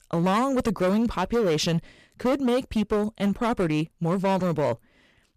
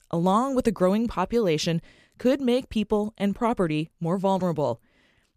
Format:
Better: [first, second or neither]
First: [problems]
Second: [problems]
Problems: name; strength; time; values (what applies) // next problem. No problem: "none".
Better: second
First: distortion; slight; 13% of the sound clipped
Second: none